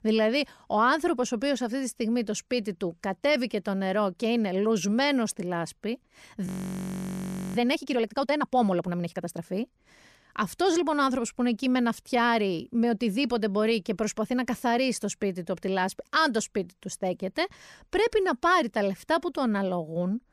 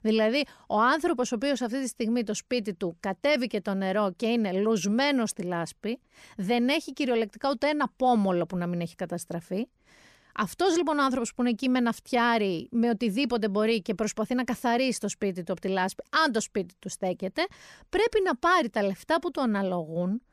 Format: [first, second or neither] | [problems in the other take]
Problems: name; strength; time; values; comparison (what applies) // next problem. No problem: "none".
second | audio freezing; at 6.5 s for 1 s